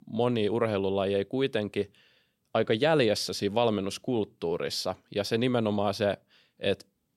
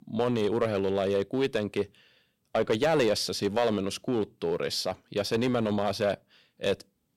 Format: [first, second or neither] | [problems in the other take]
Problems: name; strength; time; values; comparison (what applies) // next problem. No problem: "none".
first | distortion; slight; 4% of the sound clipped